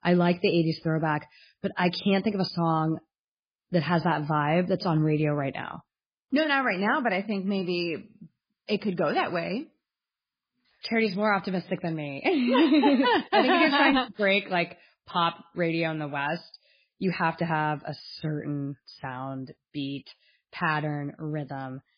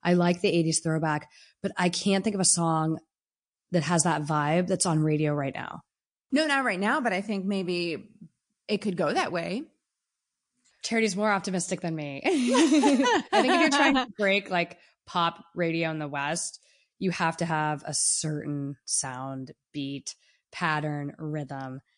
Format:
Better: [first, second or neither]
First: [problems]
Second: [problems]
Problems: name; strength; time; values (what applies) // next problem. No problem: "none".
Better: second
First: garbled, watery; badly; nothing above 5 kHz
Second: garbled, watery; slightly; nothing above 9 kHz